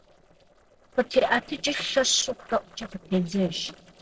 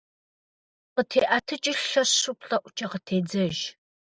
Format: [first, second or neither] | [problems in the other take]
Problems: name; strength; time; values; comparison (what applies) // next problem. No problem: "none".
second | noise reduction (neural separator model SepFormer DNS4)